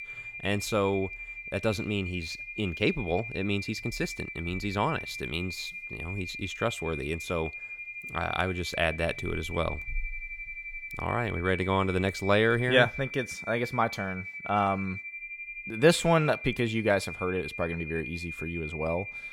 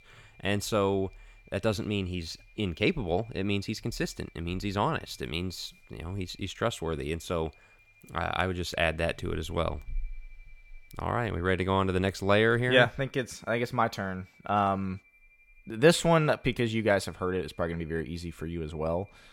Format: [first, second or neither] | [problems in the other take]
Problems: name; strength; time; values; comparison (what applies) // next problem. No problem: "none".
second | high-pitched whine; loud; throughout; 2.5 kHz, 8 dB below the speech; faint in the second